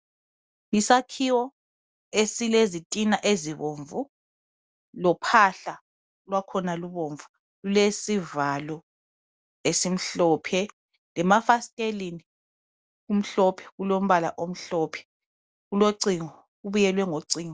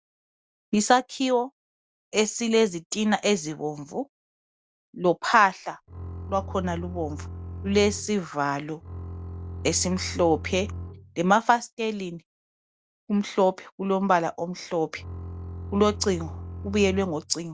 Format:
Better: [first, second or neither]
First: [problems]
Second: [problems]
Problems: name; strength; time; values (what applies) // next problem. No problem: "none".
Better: first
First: none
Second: background sound (Bowed string instrument); 10 dB below the speech